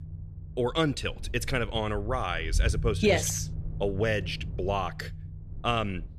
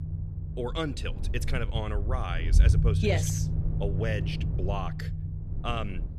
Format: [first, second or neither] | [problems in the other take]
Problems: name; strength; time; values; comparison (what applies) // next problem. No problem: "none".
first | low rumble; loud; throughout; 9 dB below the speech; faint in the first